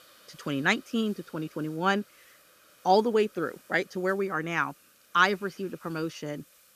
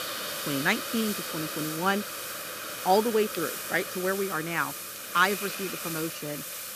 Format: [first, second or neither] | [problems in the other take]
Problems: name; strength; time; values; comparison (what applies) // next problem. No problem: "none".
first | hiss; loud; throughout; 5 dB below the speech; faint in the first